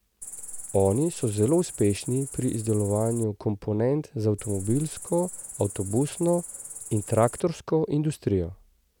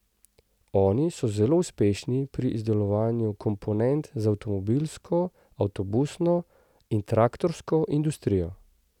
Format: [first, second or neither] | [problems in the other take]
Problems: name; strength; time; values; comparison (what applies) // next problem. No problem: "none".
second | background sound (Cricket); 13 dB below the speech